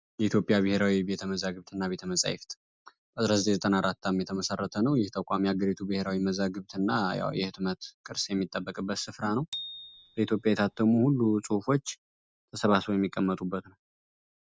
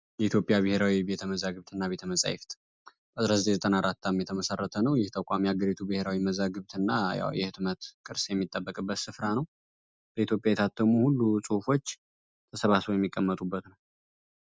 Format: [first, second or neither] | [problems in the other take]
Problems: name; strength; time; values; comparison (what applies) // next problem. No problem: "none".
second | background sound (Bicycle bell); 17 dB below the speech